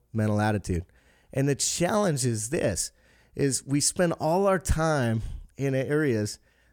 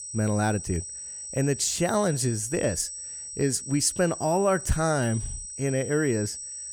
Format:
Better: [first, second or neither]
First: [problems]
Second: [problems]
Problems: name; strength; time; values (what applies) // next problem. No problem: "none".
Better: first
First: none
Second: high-pitched whine; loud; throughout; 8 kHz, 9 dB below the speech